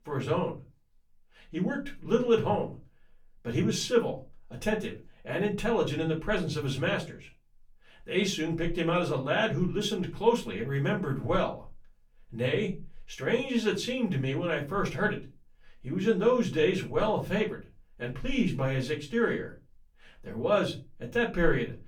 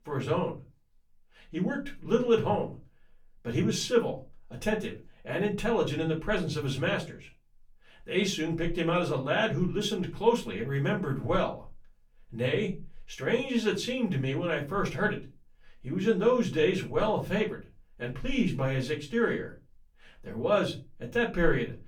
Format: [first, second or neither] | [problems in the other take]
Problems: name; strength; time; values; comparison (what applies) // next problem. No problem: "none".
neither | off-mic speech; far; the same in both // room echo; very slight; dies away in 0.2 s; the same in both